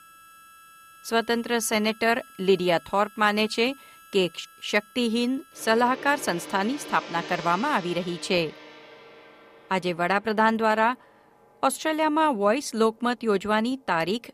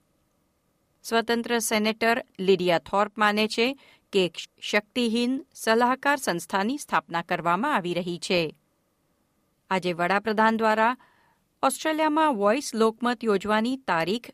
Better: second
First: background music; noticeable; throughout; 20 dB below the speech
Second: none

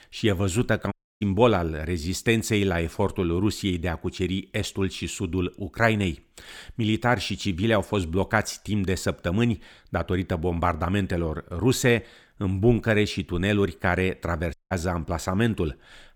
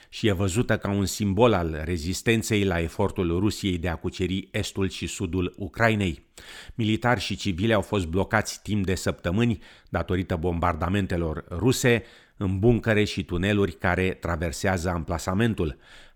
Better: second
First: audio cutting out; at 1 s and at 15 s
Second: none

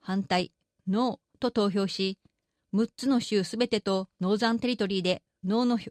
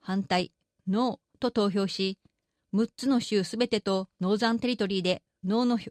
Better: neither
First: none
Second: none

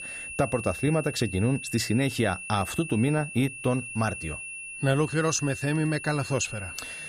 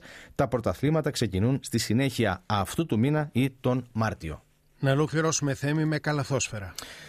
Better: second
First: high-pitched whine; loud; throughout; 2.5 kHz, 9 dB below the speech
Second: none

